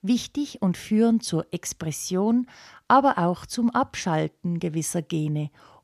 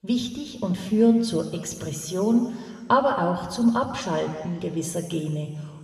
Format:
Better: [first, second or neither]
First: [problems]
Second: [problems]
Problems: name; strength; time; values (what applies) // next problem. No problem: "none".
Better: first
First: none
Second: room echo; noticeable; dies away in 1.6 s // off-mic speech; somewhat distant